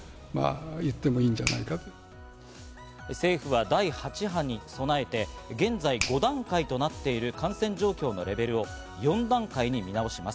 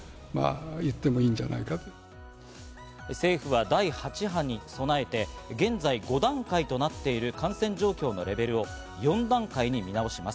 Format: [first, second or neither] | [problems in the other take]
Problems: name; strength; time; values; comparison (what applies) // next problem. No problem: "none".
second | background sound (Finger snapping); 16 dB below the speech